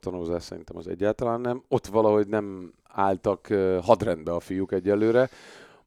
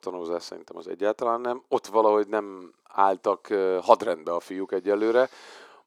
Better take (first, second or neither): first